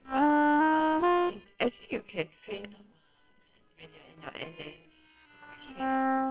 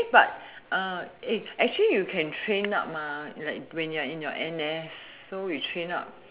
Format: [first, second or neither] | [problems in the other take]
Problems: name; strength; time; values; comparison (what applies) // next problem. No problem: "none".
second | noise reduction (neural separator model SepFormer WHAMR!)